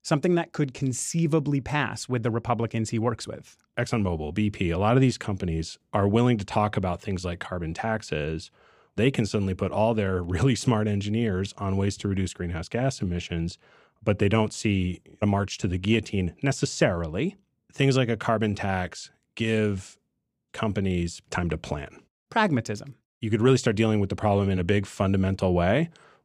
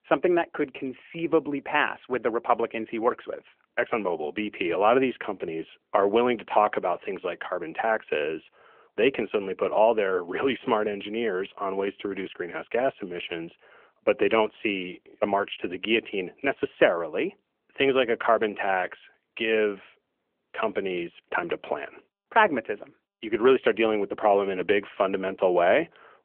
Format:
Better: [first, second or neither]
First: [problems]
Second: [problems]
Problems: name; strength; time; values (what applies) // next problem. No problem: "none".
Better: first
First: none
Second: phone-call audio; nothing above 3 kHz